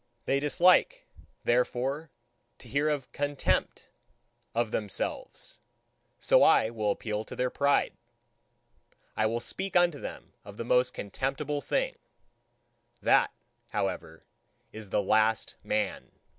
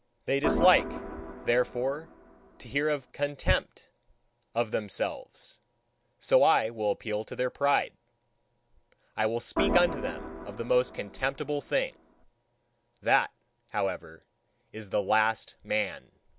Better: first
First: none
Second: background sound (Organ); 5 dB below the speech

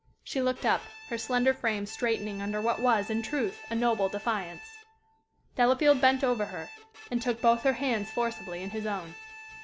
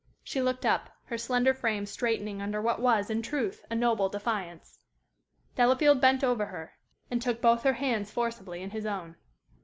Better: second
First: background sound (Bowed string instrument); 17 dB below the speech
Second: none

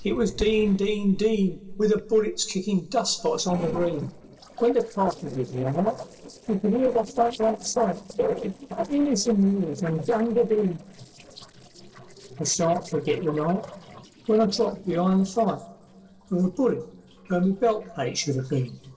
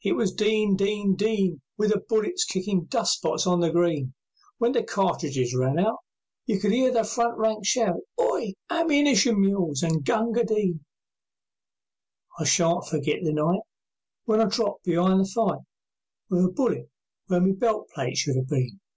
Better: second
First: noise reduction (neural separator model SepFormer DNS4)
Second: none

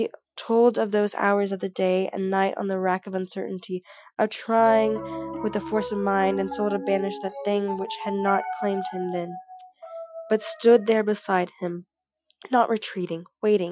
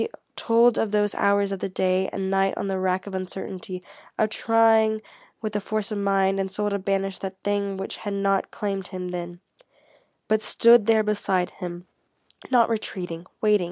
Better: second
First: noise reduction (classical method Wiener filter)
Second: none

